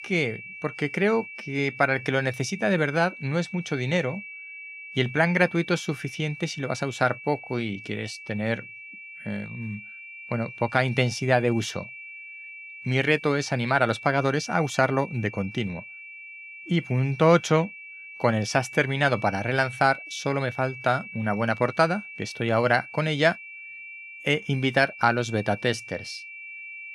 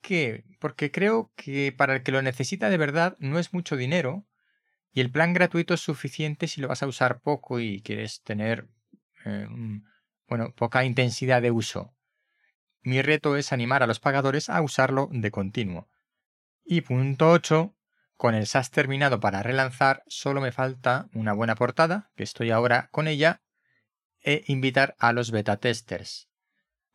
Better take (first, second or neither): second